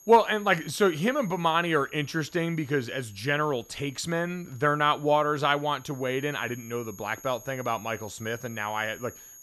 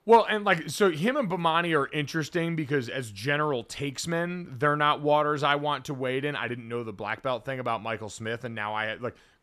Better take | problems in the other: second | high-pitched whine; faint; throughout; 6.5 kHz, 20 dB below the speech

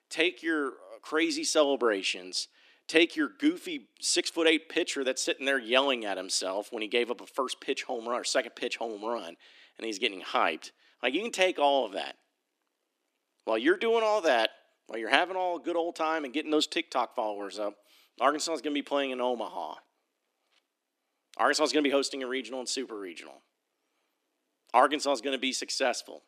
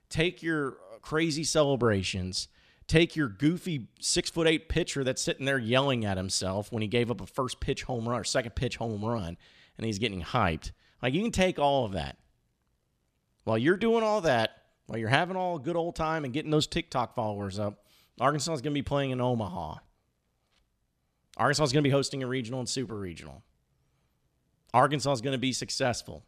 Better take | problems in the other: second | thin; somewhat; fading below 300 Hz

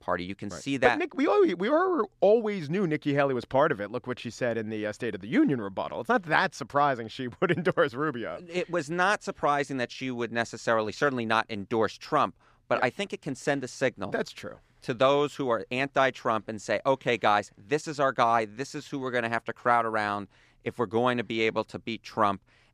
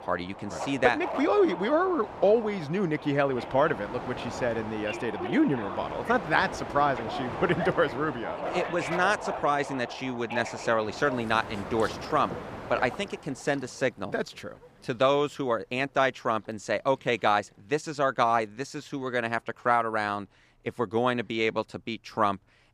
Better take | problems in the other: first | train or aircraft noise; loud; throughout; 9 dB below the speech

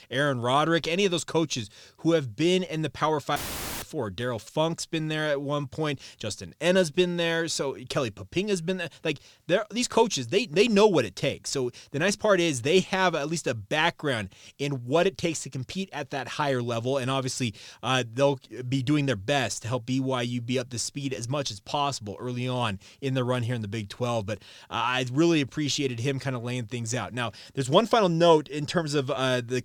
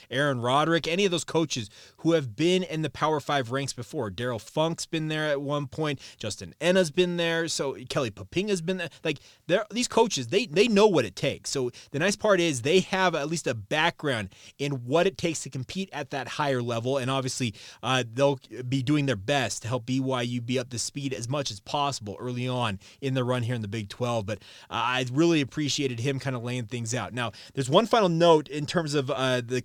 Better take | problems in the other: second | audio cutting out; filled with static; at 3.5 s

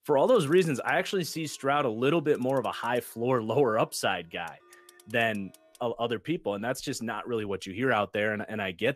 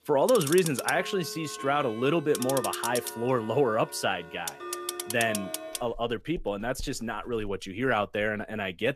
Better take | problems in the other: first | household noises; loud; throughout; 8 dB below the speech; faint in the first

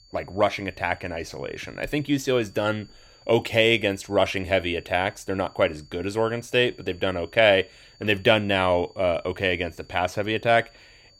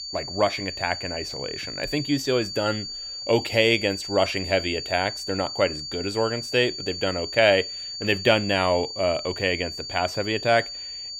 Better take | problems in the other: first | high-pitched whine; loud; throughout; 4.5 kHz, 7 dB below the speech; faint in the first

